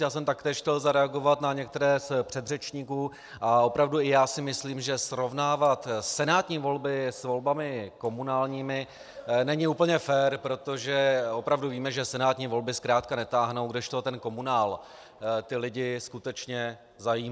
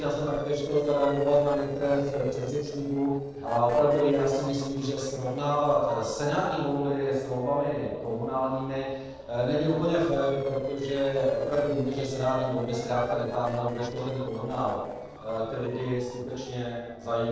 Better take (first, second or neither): first